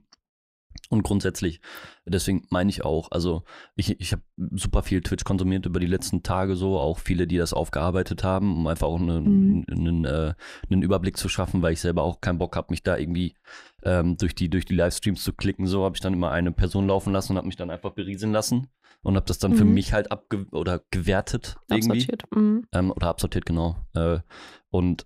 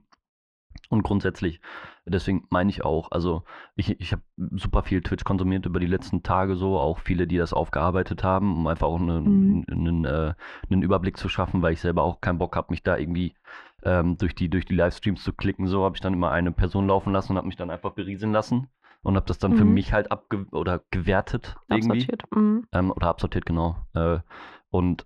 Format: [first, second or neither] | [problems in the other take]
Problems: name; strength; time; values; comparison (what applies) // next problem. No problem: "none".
first | muffled; slightly; fading above 2.5 kHz